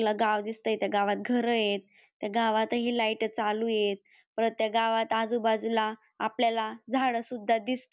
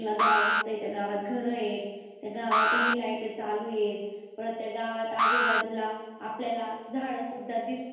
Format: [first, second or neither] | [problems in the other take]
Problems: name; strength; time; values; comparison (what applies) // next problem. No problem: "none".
first | background sound (Alarm); 2 dB above the speech // room echo; dies away in 1.2 s